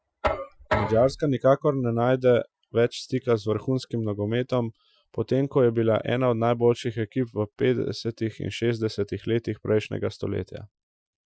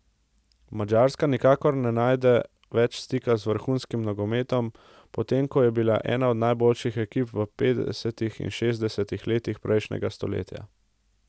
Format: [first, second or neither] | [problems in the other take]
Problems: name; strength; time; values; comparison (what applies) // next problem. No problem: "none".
second | noise reduction (classical method Wiener filter)